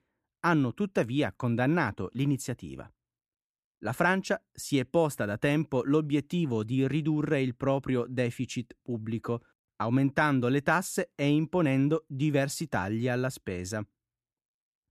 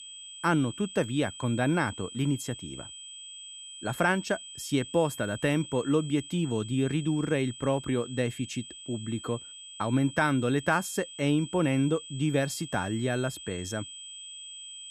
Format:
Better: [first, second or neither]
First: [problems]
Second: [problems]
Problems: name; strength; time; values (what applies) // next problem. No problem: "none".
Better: first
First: none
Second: high-pitched whine; noticeable; throughout; 3 kHz, 15 dB below the speech